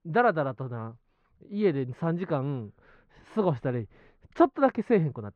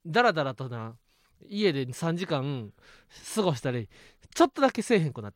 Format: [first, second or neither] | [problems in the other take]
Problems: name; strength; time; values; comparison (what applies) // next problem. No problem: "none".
second | muffled; very; fading above 4 kHz